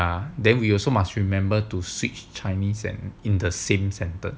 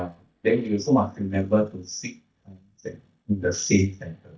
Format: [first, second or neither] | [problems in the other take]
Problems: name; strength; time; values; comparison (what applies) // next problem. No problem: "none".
first | noise reduction (neural mask model DeepFilterNet 3)